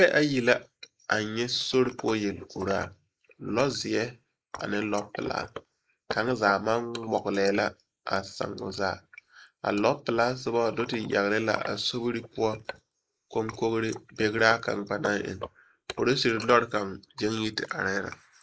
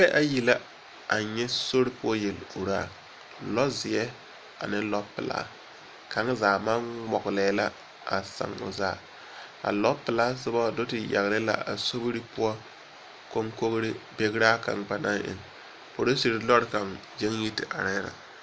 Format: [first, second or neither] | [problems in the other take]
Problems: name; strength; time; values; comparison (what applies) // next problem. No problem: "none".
second | noise reduction (neural mask model Resemble Enhance denoiser)